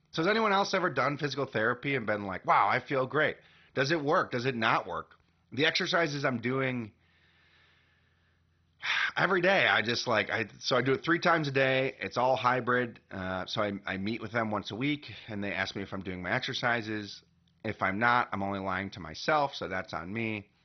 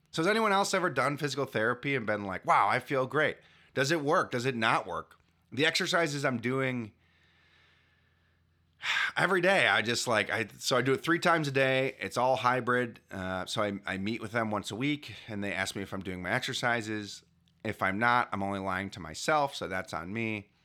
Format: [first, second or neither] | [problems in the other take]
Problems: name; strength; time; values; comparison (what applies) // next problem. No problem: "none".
second | garbled, watery; badly; nothing above 6 kHz